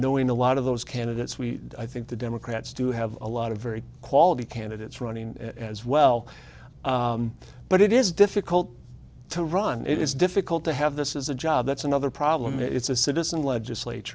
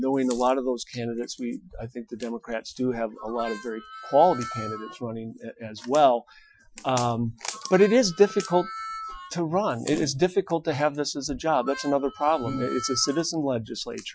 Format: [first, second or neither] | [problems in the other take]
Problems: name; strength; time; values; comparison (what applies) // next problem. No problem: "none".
first | noise reduction (classical method Wiener filter)